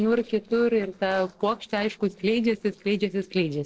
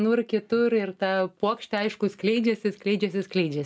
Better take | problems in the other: second | noise reduction (neural separator model SepFormer DNS4)

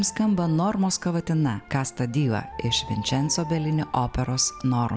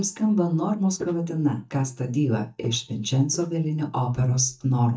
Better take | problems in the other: first | noise reduction (neural mask model DeepFilterNet 3)

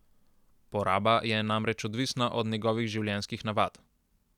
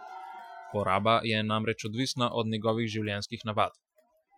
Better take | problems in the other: first | noise reduction (classical method Wiener filter)

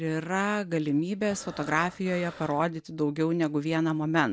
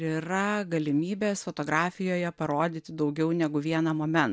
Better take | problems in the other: second | background sound (Breathing); 18 dB below the speech

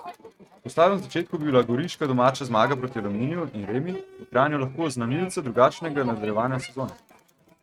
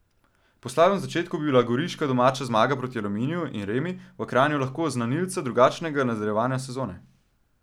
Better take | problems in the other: second | noise reduction (neural mask model RNNoise)

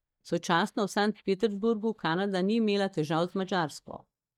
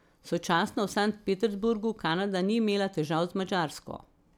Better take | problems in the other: second | noise reduction (neural mask model DeepFilterNet 3)

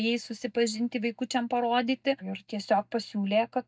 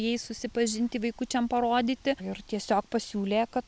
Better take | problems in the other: second | noise reduction (neural mask model DeepFilterNet 3)

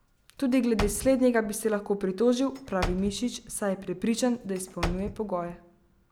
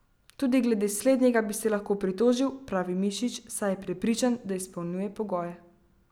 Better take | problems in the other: second | background sound (Slam / Wood); 11 dB below the speech

